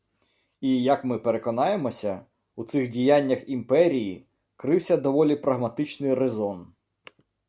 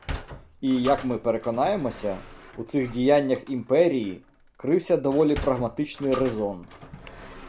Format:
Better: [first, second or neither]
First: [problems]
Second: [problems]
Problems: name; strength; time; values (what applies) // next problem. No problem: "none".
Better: first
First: none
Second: background sound (Sliding door); 15 dB below the speech